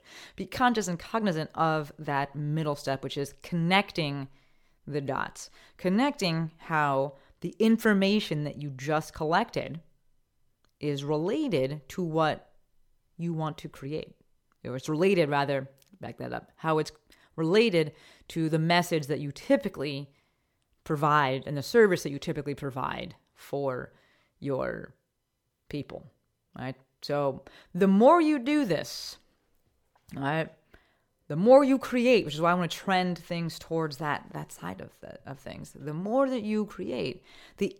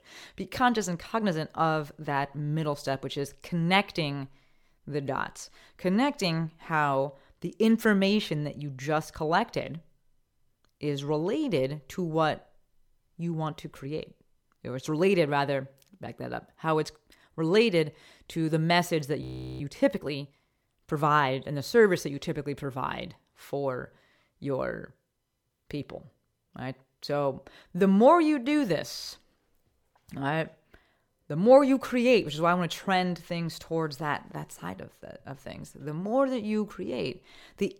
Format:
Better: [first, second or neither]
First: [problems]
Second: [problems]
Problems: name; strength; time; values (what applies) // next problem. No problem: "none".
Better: first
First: none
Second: audio freezing; at 19 s